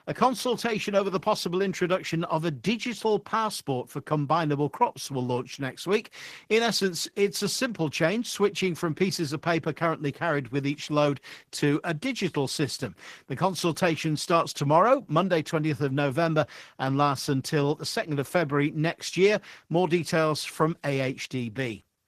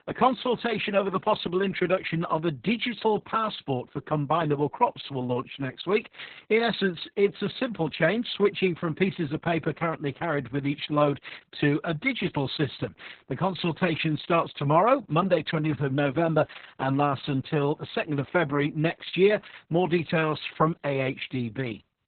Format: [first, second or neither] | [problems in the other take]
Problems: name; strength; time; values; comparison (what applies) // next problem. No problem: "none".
first | garbled, watery; badly; nothing above 4 kHz; slightly in the first